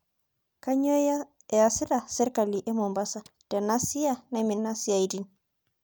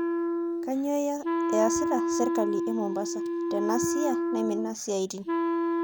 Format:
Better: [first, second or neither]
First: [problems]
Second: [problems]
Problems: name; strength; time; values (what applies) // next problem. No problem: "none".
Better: first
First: none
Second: background sound (Wind instrument, woodwind instrument); 2 dB above the speech